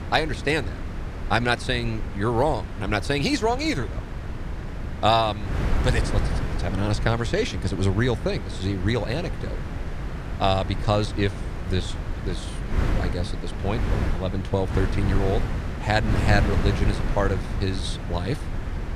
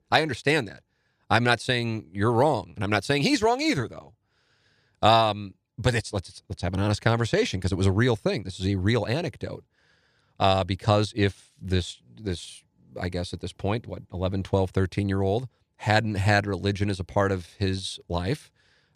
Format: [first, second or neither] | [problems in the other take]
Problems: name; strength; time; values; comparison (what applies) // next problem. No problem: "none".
second | wind noise on the microphone; heavy; 10 dB below the speech